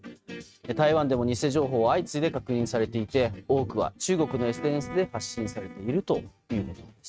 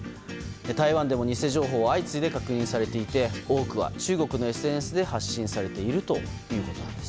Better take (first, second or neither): second